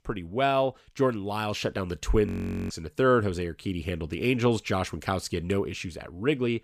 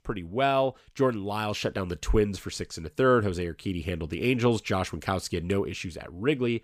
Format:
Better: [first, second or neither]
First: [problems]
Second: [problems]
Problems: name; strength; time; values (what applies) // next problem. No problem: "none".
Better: second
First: audio freezing; at 2.5 s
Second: none